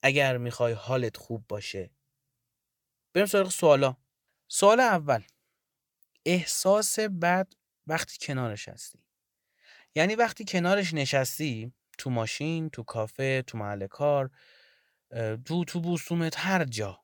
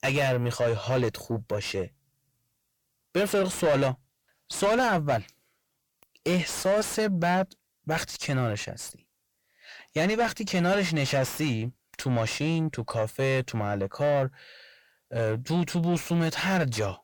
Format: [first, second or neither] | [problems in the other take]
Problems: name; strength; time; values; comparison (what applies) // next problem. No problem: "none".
first | distortion; heavy; 6 dB below the speech